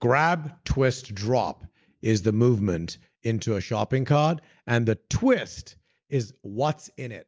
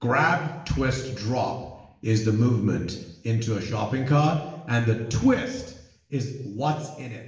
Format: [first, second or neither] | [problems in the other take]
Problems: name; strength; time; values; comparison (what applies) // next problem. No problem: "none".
first | room echo; dies away in 0.9 s